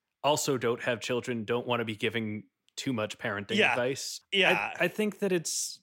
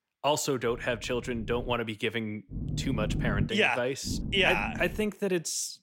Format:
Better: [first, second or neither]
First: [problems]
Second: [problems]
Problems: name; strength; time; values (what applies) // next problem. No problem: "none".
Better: first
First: none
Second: low rumble; noticeable; from 0.5 to 1.5 s, at 2.5 s and at 4 s; 15 dB below the speech